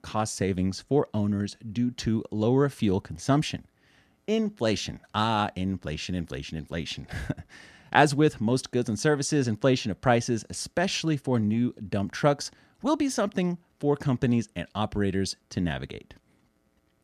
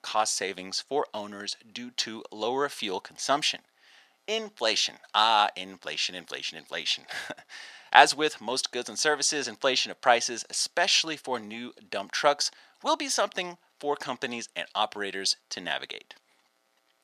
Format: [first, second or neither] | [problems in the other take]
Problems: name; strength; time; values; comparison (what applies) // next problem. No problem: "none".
first | thin; very; fading below 650 Hz